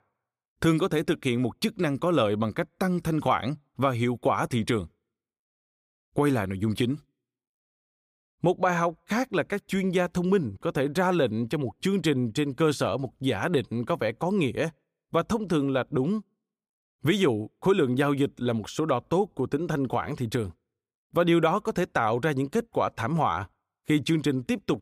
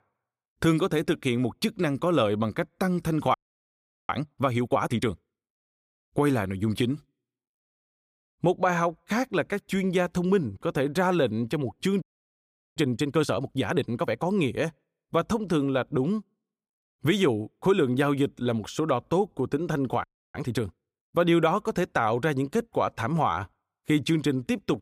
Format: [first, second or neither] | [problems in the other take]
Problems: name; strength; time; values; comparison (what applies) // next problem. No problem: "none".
first | audio freezing; at 3.5 s for 1 s, at 12 s for 0.5 s and at 20 s